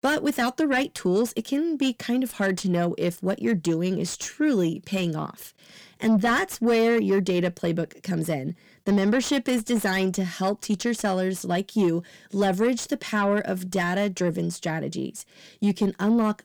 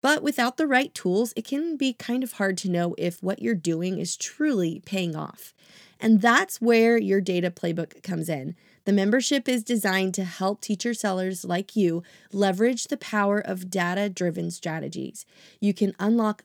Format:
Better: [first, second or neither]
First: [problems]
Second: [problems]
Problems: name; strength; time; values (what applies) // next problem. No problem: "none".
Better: second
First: distortion; slight; 10 dB below the speech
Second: none